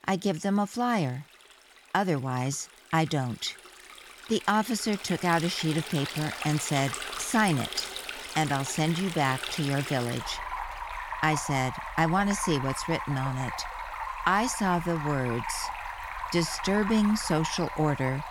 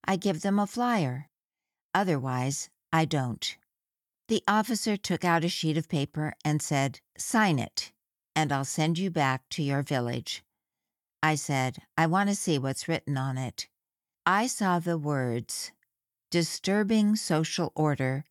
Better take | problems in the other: second | rain or running water; loud; throughout; 8 dB below the speech

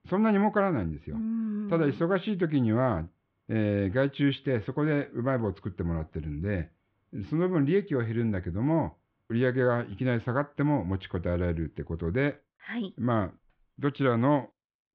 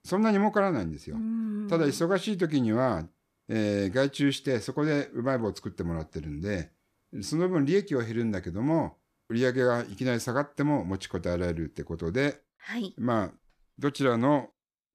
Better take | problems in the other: second | muffled; very; fading above 3 kHz

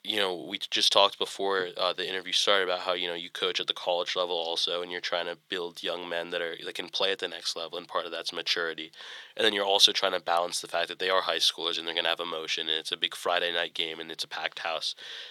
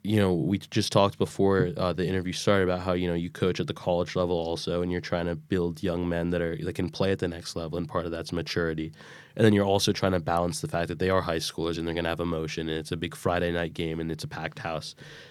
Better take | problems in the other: second | thin; very; fading below 650 Hz

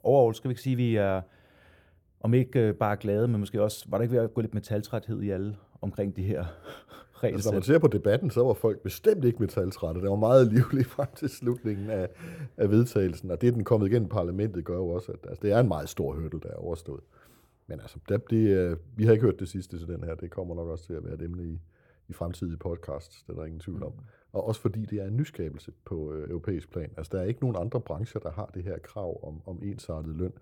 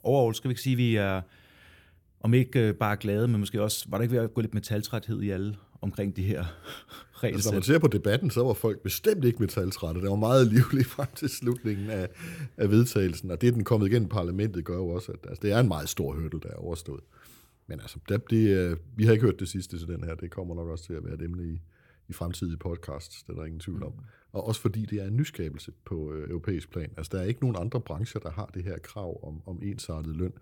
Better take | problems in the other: second | muffled; slightly; fading above 2 kHz

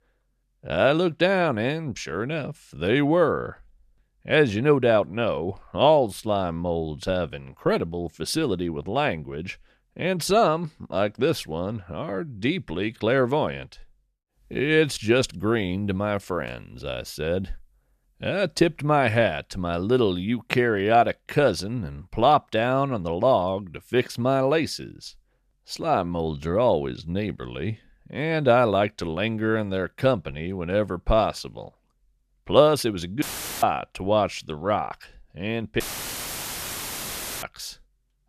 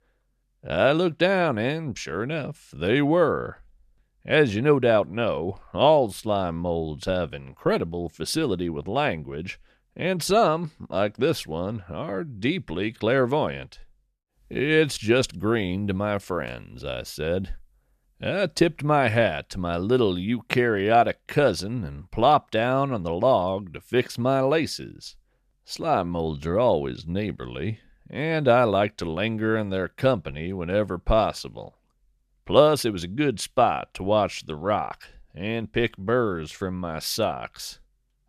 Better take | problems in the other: second | audio cutting out; filled with static; at 33 s and at 36 s for 1.5 s

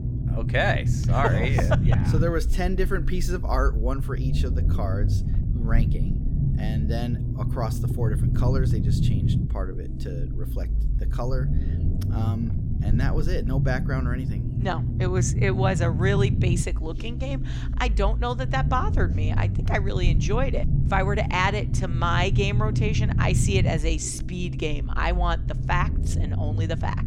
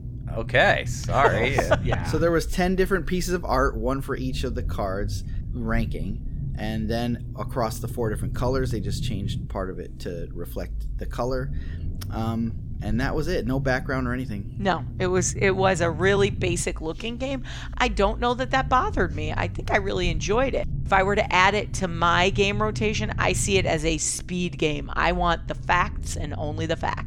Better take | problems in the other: second | low rumble; loud; throughout; 9 dB below the speech; faint in the second

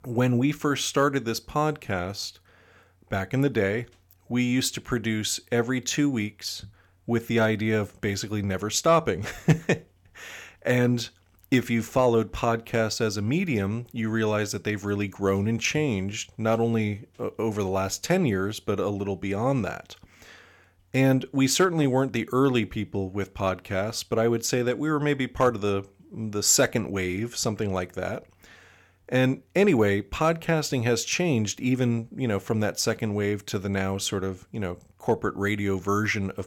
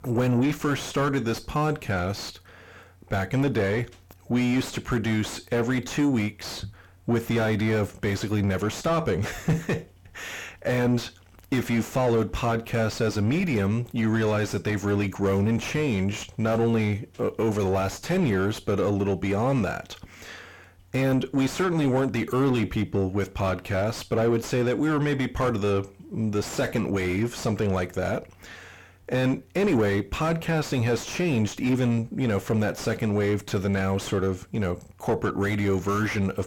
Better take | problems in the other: first | distortion; heavy; 6 dB below the speech

